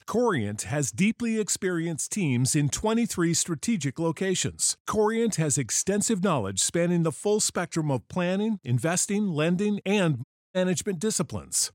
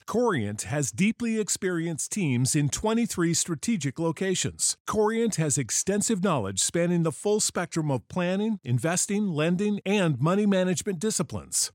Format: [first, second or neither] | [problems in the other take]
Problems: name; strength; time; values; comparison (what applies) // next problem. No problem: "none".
second | audio cutting out; at 10 s